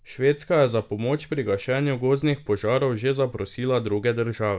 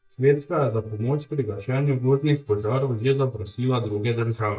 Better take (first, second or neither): first